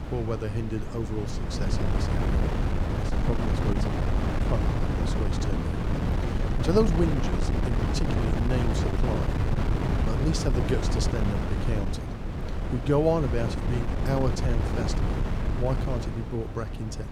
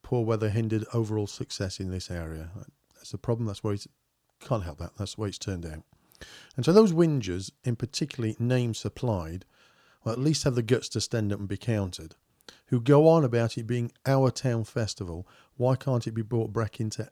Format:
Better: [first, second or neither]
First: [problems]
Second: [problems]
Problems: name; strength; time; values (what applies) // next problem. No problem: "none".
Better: second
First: wind noise on the microphone; heavy; 1 dB below the speech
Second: none